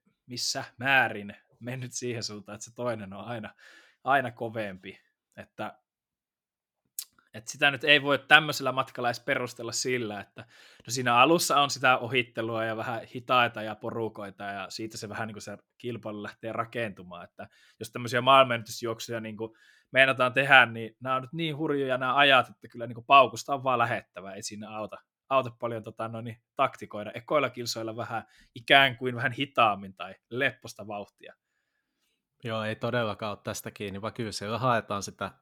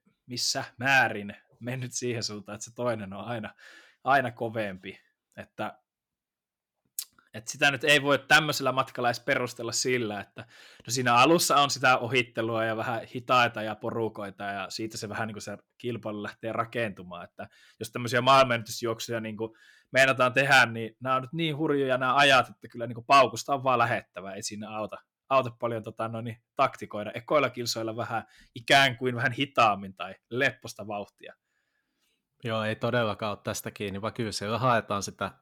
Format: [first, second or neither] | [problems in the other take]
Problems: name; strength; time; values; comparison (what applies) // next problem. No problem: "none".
first | distortion; slight; 10 dB below the speech